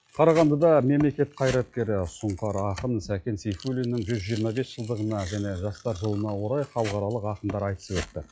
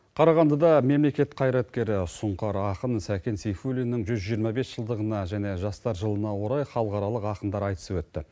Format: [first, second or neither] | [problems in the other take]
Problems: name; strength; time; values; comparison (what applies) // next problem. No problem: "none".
second | noise reduction (classical method log-MMSE)